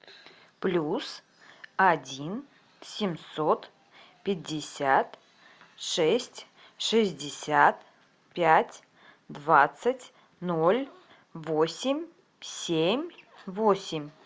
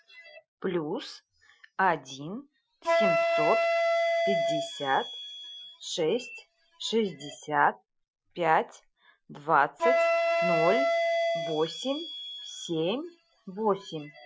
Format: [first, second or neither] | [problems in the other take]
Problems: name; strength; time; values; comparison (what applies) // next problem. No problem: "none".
first | noise reduction (classical method Wiener filter)